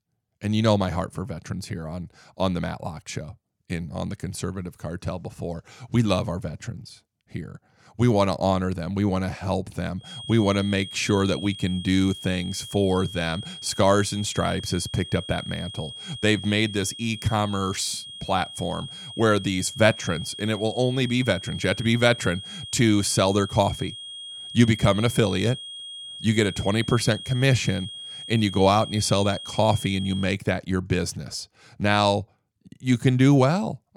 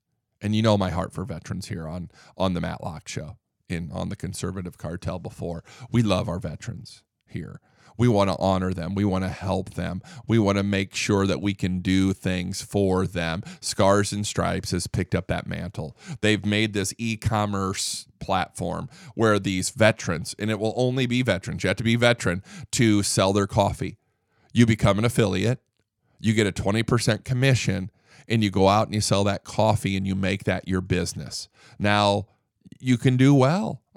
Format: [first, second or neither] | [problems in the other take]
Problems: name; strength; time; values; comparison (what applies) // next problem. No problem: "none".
second | high-pitched whine; noticeable; from 10 to 30 s; 3.5 kHz, 10 dB below the speech